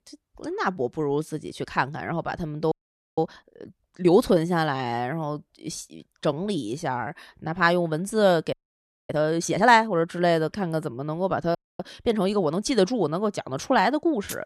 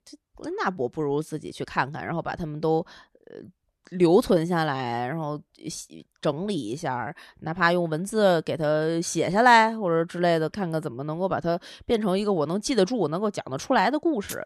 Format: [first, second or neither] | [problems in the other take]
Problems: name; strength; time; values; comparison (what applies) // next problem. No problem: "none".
second | audio freezing; at 2.5 s, at 8.5 s for 0.5 s and at 12 s